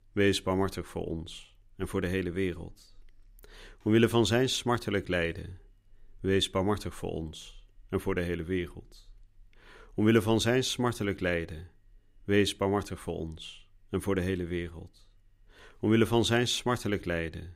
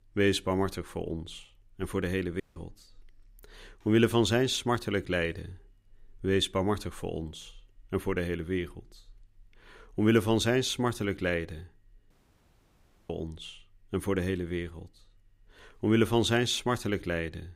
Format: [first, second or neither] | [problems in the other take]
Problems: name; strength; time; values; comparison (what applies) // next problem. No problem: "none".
first | audio cutting out; at 2.5 s and at 12 s for 1 s